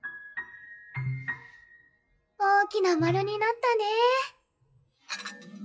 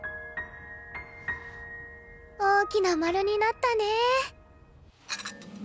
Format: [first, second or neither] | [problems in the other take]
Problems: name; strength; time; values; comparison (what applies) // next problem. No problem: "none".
second | noise reduction (classical method WPE with log-MMSE)